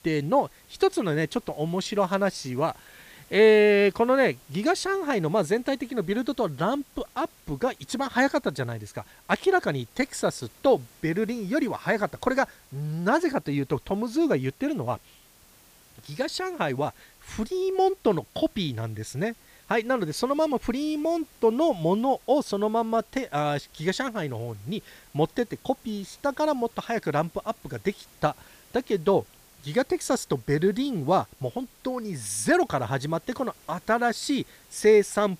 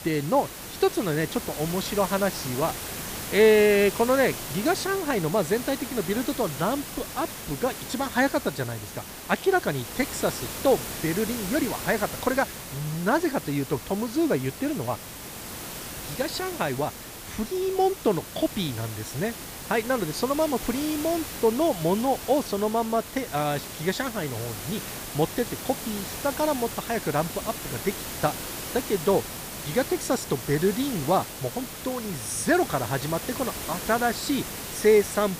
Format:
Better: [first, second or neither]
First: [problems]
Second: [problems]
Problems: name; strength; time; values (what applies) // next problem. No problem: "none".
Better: first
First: hiss; faint; throughout; 25 dB below the speech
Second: hiss; loud; throughout; 8 dB below the speech